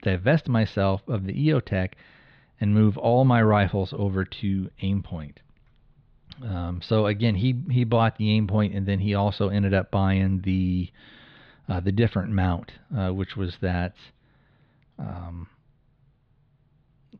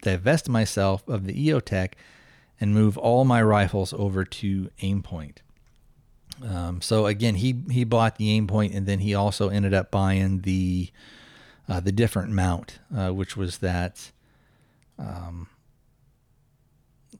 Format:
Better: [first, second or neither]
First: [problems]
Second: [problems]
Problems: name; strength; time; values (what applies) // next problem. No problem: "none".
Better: second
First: muffled; slightly; fading above 4 kHz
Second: none